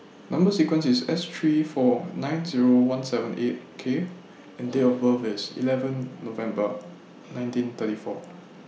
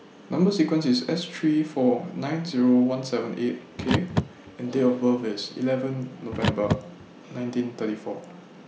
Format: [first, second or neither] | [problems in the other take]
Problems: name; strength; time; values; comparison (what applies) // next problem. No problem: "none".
first | background sound (Car); 7 dB below the speech